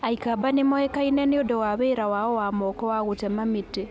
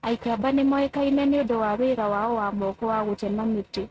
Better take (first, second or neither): first